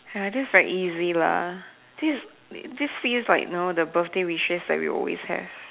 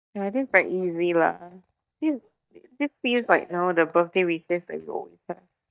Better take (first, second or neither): first